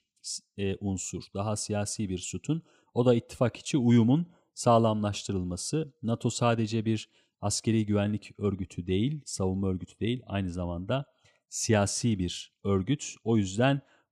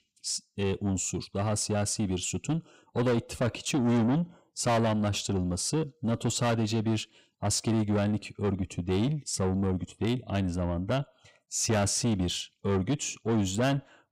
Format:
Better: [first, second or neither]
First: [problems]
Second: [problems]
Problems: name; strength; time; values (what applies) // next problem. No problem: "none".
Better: first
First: none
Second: distortion; heavy; 8 dB below the speech